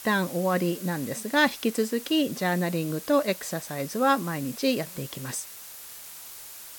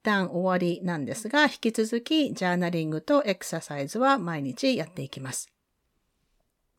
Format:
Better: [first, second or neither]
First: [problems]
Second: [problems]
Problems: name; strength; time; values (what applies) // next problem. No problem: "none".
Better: second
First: hiss; noticeable; throughout; 15 dB below the speech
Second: none